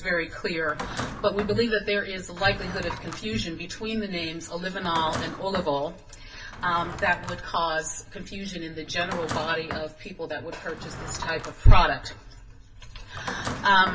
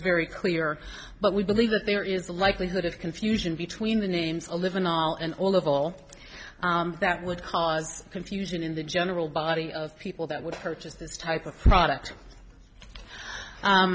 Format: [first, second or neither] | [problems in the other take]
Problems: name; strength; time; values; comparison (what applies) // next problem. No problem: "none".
second | background sound (Drawer open or close); 13 dB below the speech // room echo; dies away in 0.2 s